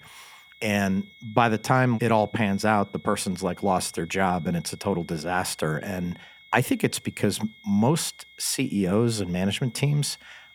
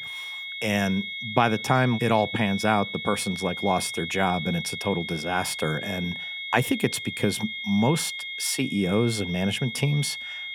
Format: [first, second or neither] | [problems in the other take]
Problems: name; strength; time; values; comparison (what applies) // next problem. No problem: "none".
first | high-pitched whine; loud; throughout; 2 kHz, 6 dB below the speech; faint in the first